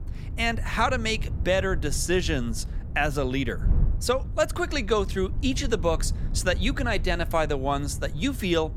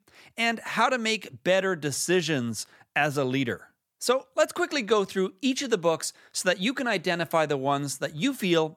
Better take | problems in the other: second | wind noise on the microphone; occasional gusts; 20 dB below the speech

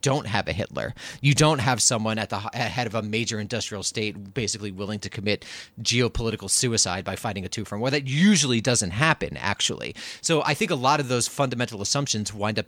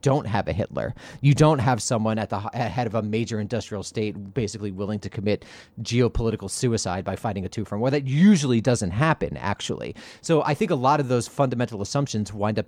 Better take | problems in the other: first | muffled; slightly; fading above 1.5 kHz

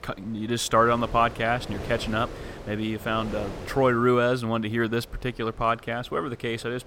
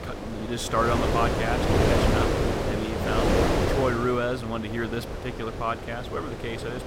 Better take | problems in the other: first | wind noise on the microphone; heavy; 1 dB above the speech; occasional gusts in the first

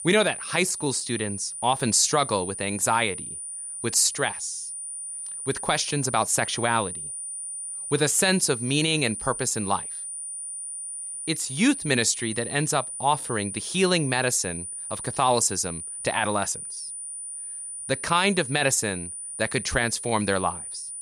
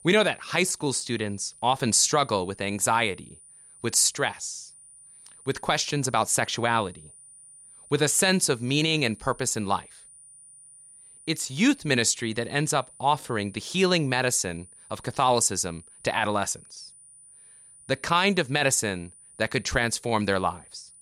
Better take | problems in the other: second | high-pitched whine; loud; throughout; 9.5 kHz, 8 dB below the speech; faint in the second

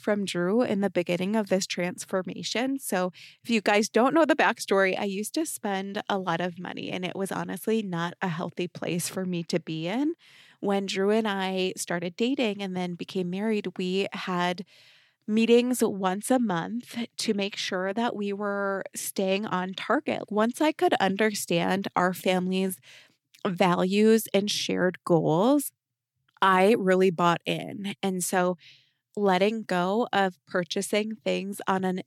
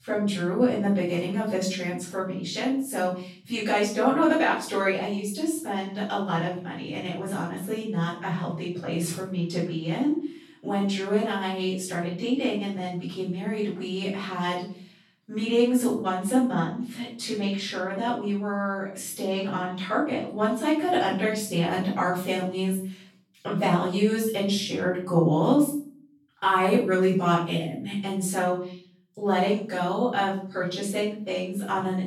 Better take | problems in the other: first | room echo; noticeable; dies away in 0.5 s // off-mic speech; far

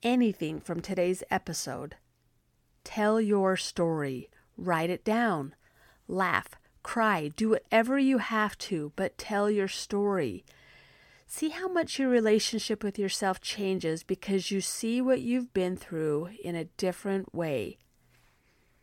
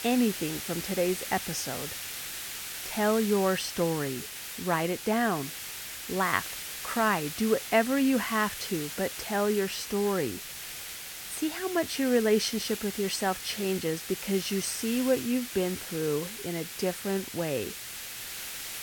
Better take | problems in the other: first | hiss; loud; throughout; 7 dB below the speech

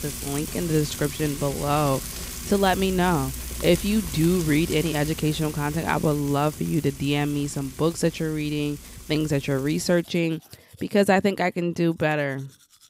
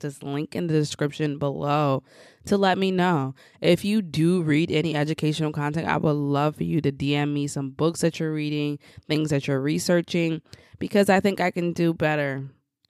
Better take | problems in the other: second | household noises; noticeable; throughout; 10 dB below the speech

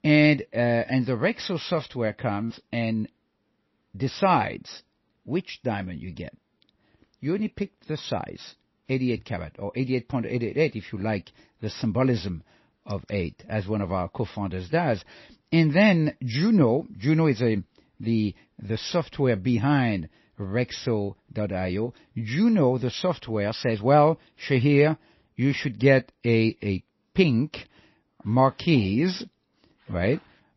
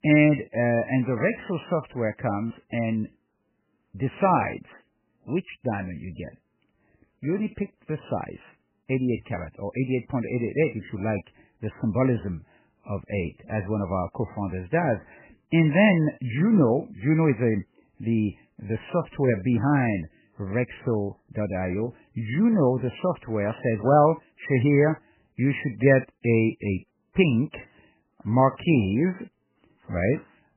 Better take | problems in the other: first | garbled, watery; badly; nothing above 3 kHz; slightly in the first

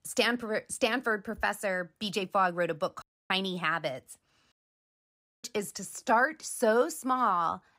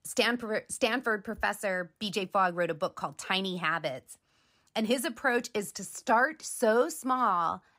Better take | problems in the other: second | audio cutting out; at 3 s and at 4.5 s for 1 s

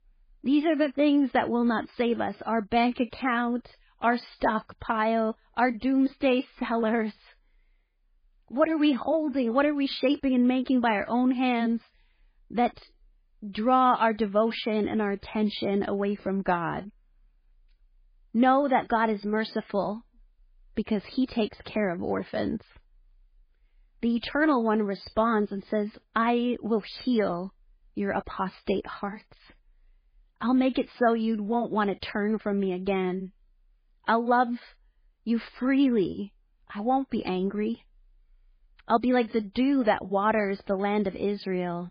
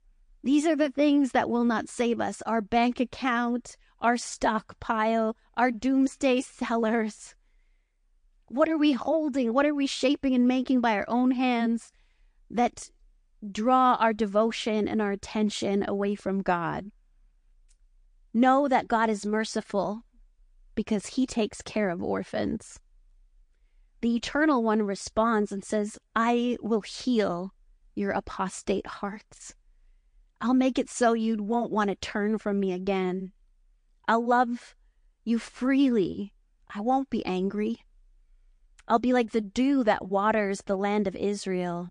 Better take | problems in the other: second | garbled, watery; badly; nothing above 4.5 kHz; slightly in the second

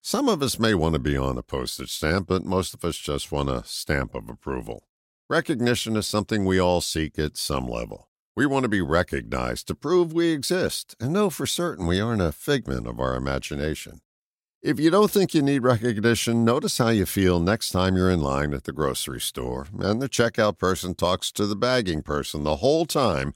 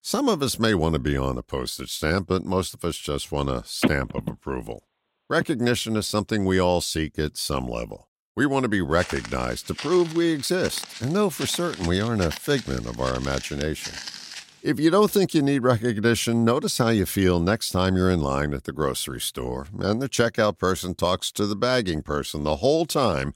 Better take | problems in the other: first | phone ringing; noticeable; from 4 to 5.5 s; peak 2 dB below the speech // footsteps; noticeable; from 9 to 14 s; peak 9 dB below the speech

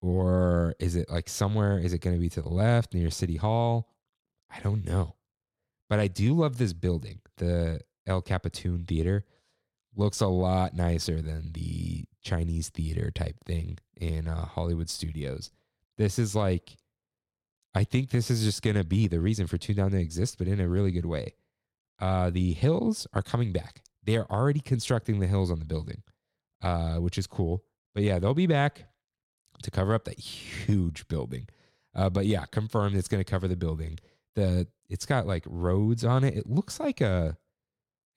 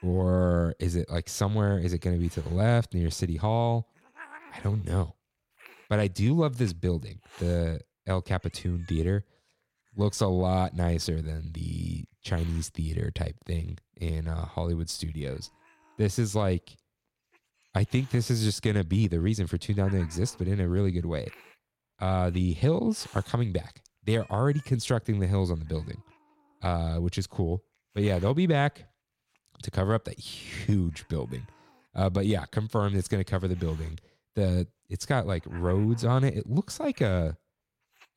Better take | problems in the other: first | hiss; faint; throughout; 25 dB below the speech

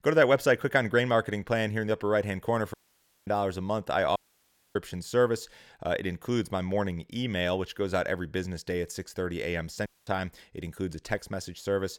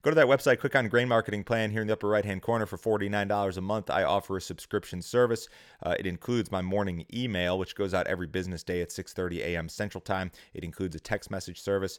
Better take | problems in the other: second | audio cutting out; at 2.5 s for 0.5 s, at 4 s for 0.5 s and at 10 s

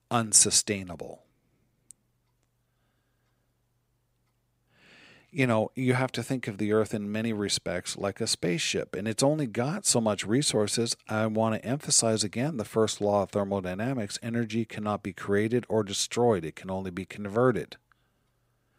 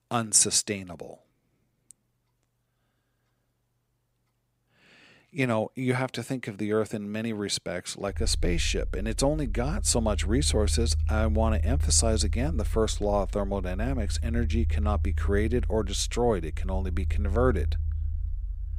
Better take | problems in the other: first | low rumble; faint; from 8 s on; 20 dB below the speech

